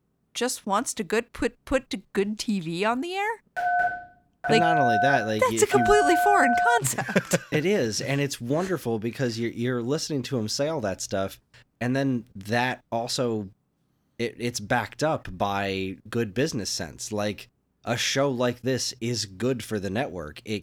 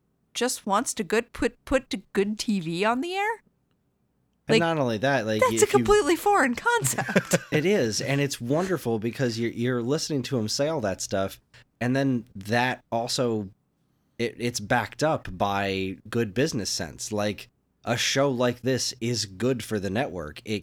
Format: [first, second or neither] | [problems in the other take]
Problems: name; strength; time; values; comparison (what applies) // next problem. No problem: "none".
second | phone ringing; loud; from 3.5 to 7 s; peak 4 dB above the speech